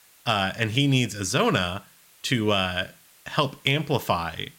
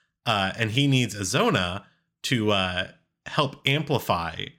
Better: second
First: hiss; faint; throughout; 30 dB below the speech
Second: none

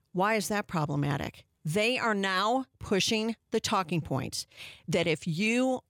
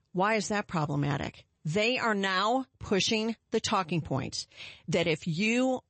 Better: first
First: none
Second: garbled, watery; slightly; nothing above 8 kHz

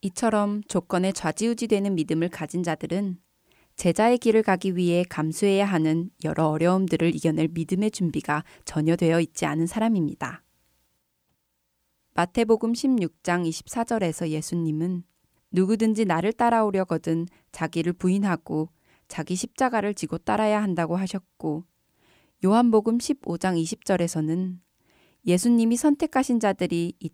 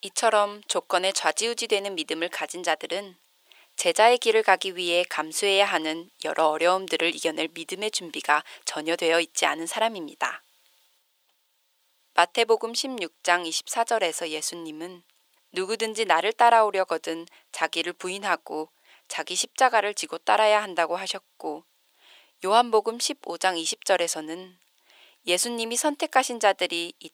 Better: first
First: none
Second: thin; very; fading below 550 Hz

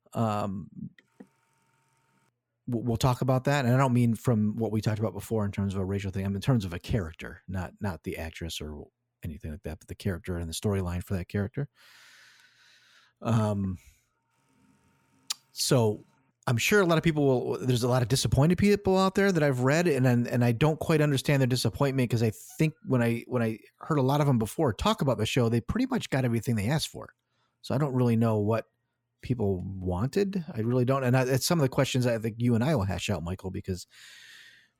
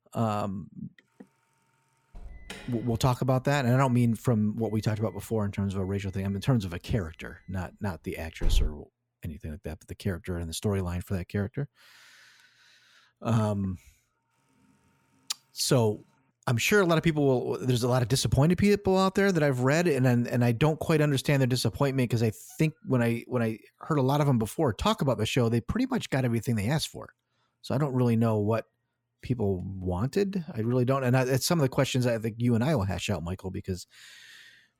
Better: first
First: none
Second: alarm; noticeable; from 2.5 to 8.5 s; peak 4 dB below the speech

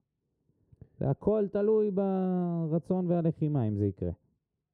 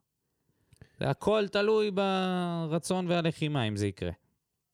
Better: second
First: muffled; very; fading above 1 kHz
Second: none

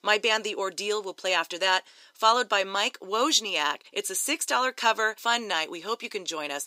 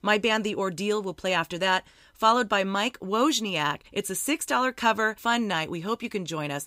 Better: second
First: thin; somewhat; fading below 350 Hz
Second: none

